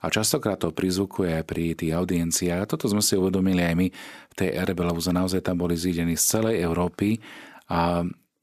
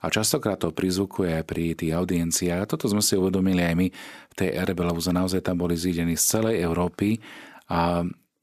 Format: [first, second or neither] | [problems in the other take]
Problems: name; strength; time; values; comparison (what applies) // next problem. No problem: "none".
neither | none